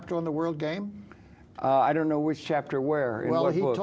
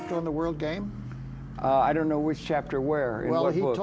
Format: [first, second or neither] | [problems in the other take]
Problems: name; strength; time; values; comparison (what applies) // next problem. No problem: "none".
first | background sound (Bus / Vehicle horn, car horn, honking); 13 dB below the speech